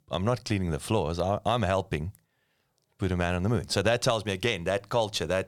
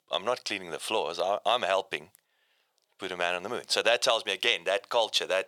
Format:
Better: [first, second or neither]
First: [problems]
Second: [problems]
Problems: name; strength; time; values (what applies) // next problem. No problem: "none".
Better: first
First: none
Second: thin; very; fading below 550 Hz